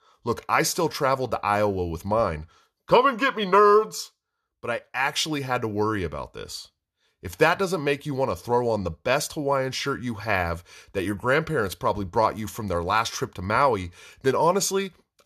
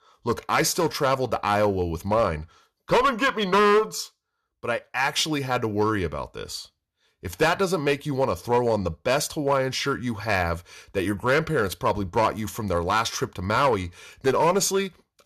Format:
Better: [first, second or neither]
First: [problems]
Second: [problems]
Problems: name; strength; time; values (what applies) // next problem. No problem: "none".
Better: first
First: none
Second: distortion; slight; 4% of the sound clipped